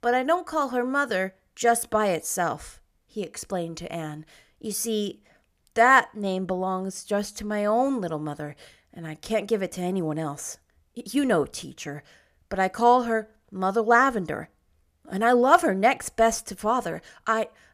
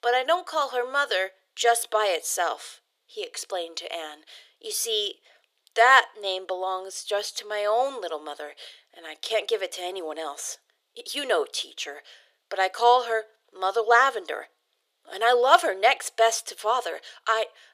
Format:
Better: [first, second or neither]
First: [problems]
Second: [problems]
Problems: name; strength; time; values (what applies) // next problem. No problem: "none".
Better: first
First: none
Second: thin; very; fading below 400 Hz